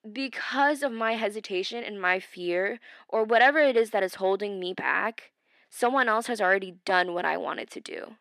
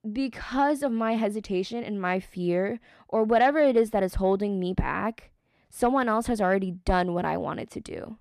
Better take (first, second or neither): second